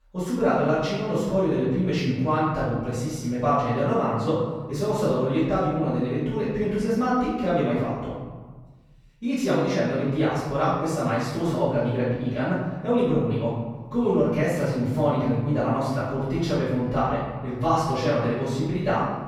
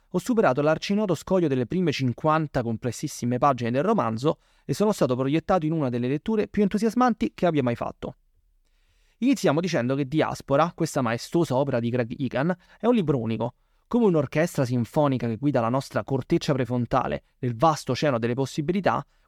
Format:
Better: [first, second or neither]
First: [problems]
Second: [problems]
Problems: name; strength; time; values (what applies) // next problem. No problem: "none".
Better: second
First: off-mic speech; far // room echo; strong; dies away in 1.4 s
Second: none